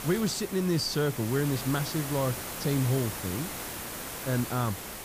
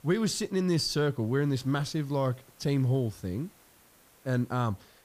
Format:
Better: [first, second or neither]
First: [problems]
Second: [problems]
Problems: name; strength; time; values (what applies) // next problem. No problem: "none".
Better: second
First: hiss; loud; throughout; 6 dB below the speech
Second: hiss; faint; throughout; 30 dB below the speech